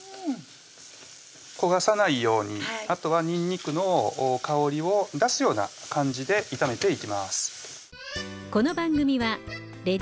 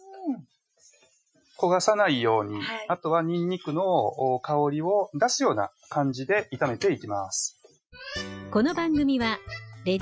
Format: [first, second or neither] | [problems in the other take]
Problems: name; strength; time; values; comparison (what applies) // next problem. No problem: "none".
first | noise reduction (classical method Wiener filter)